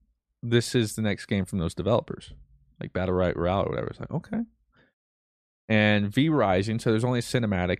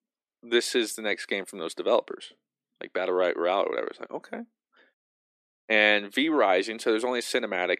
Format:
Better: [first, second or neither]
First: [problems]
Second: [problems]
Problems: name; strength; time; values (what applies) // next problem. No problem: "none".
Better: first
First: none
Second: thin; somewhat; fading below 300 Hz